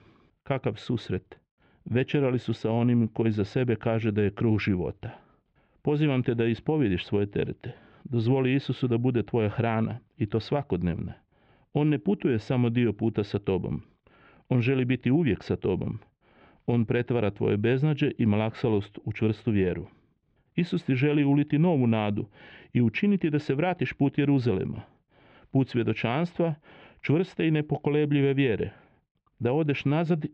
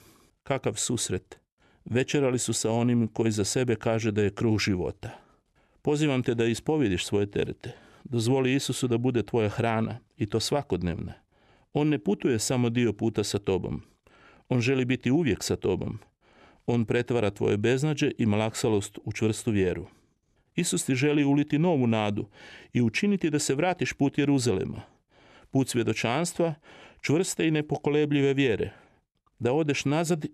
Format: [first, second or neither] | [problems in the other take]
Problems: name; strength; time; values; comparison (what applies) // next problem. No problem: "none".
second | muffled; very; fading above 3.5 kHz